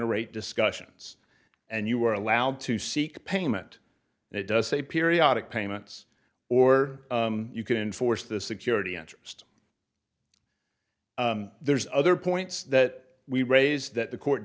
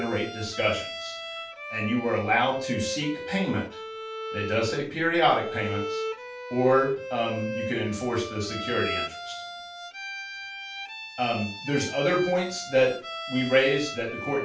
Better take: first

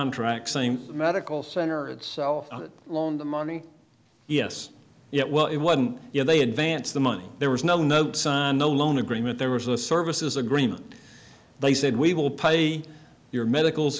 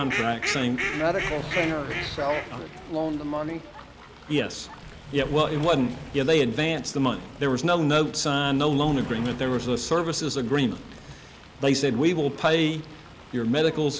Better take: first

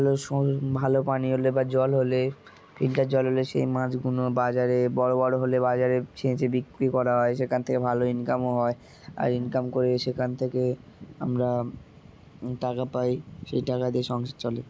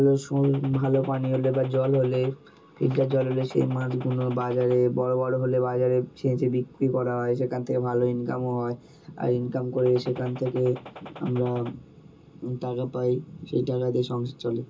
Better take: first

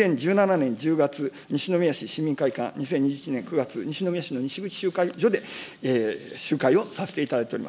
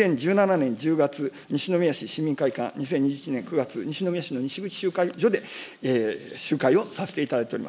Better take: first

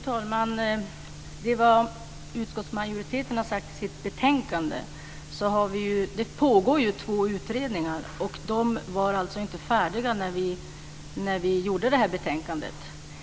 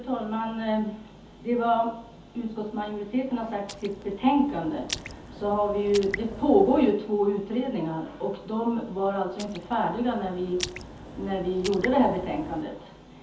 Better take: first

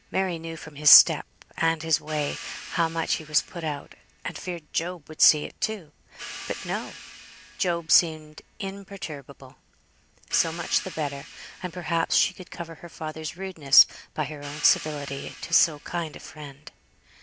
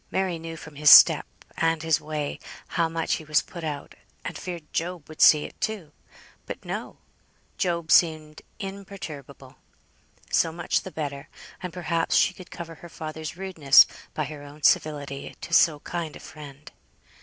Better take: second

